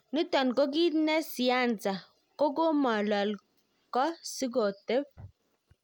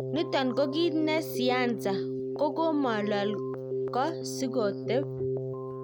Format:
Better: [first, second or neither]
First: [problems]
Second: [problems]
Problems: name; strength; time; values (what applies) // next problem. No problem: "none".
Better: first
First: none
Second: background sound (Keyboard (musical)); 3 dB below the speech